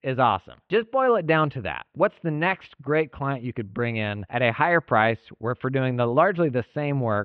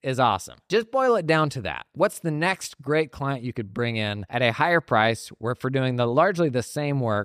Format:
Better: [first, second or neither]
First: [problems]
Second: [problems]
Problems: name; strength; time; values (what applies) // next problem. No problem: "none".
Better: second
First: muffled; very; fading above 3 kHz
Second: none